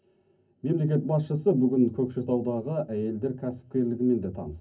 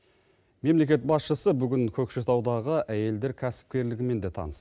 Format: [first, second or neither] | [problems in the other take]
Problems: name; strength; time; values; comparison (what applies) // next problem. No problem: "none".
second | room echo; dies away in 0.3 s